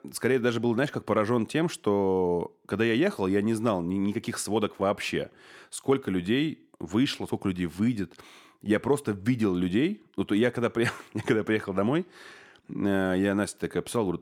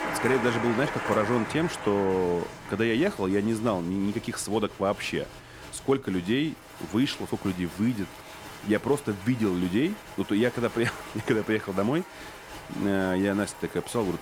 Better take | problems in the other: first | crowd noise; noticeable; throughout; 10 dB below the speech

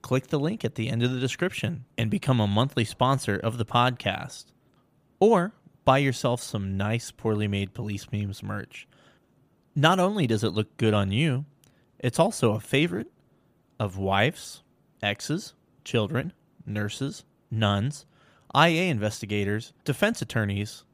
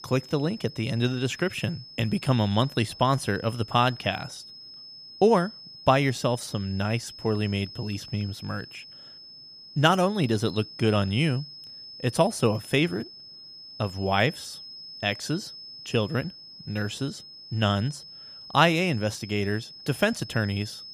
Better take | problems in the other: first | high-pitched whine; noticeable; throughout; 5 kHz, 15 dB below the speech

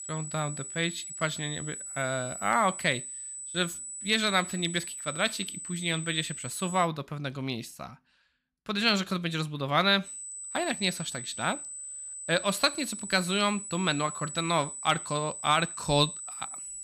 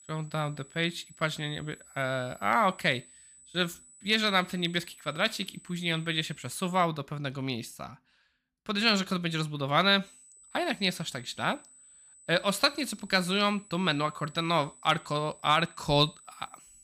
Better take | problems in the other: second | high-pitched whine; loud; until 7 s and from 10 s on; 8 kHz, 8 dB below the speech; faint in the second

